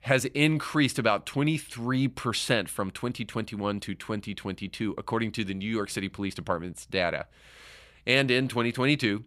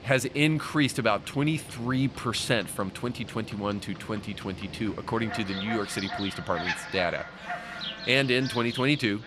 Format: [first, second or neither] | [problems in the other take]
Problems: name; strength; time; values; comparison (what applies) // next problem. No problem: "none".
first | animal sounds; loud; throughout; 10 dB below the speech